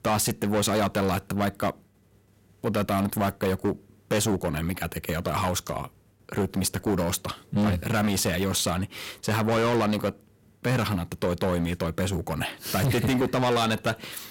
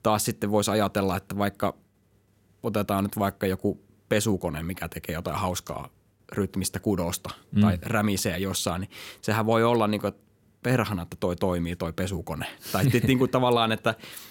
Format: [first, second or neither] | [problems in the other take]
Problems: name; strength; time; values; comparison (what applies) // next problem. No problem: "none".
second | distortion; heavy; 14% of the sound clipped